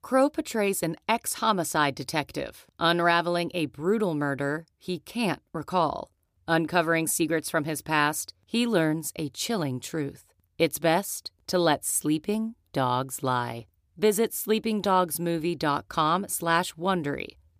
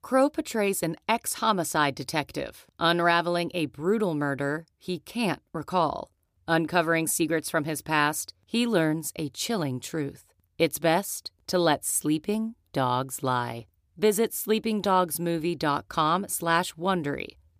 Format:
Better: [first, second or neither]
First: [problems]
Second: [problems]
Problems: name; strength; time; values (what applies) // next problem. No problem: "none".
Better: neither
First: none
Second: none